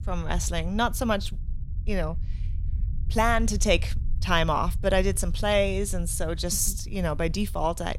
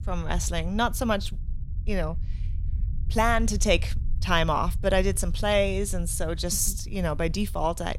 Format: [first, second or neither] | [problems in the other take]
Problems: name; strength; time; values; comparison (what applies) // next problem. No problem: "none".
neither | low rumble; faint; throughout; 25 dB below the speech; the same in both